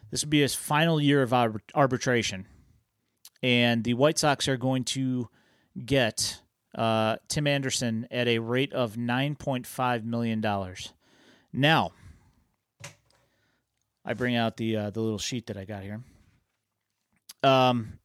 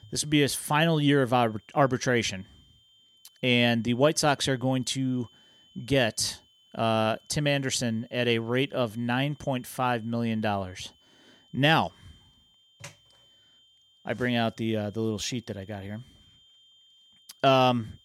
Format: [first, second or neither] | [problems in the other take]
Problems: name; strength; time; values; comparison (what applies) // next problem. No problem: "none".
first | high-pitched whine; faint; throughout; 3 kHz, 30 dB below the speech